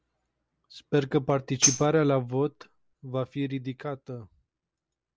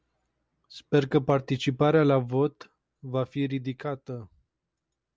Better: second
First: background sound (Tambourine); 1 dB below the speech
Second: none

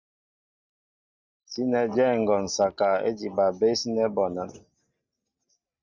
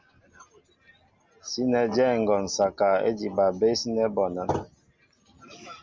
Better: second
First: noise reduction (neural mask model DeepFilterNet 3)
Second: none

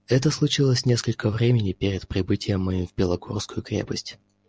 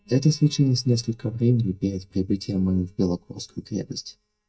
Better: first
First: none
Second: noise reduction (neural mask model DeepFilterNet 3)

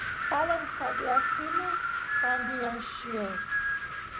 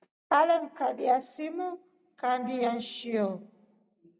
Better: second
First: background sound (Wind); 4 dB above the speech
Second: none

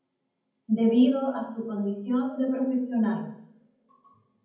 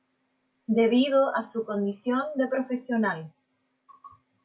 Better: second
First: room echo; dies away in 0.8 s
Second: none

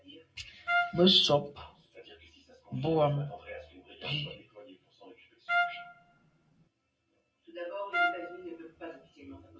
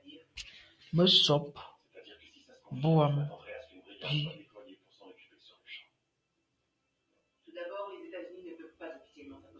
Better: second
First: background sound (Trumpet); as loud as the speech // room echo; dies away in 0.2 s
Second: none

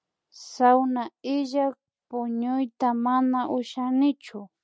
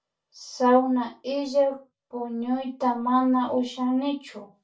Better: first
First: none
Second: room echo; dies away in 0.2 s

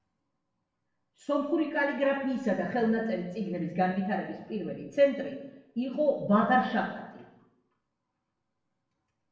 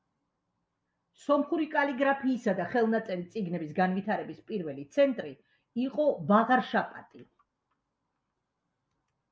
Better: second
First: room echo; dies away in 0.8 s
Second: none

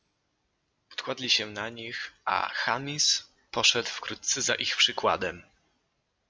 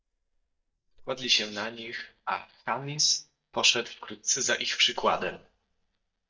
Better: first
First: none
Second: noise reduction (neural mask model DeepFilterNet 3)

